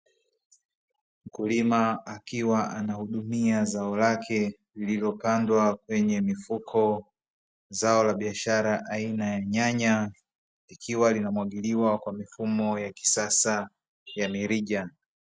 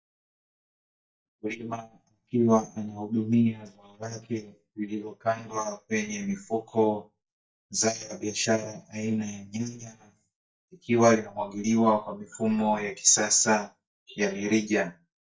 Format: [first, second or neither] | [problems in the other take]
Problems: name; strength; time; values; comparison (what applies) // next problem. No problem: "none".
first | noise reduction (neural mask model DeepFilterNet 3)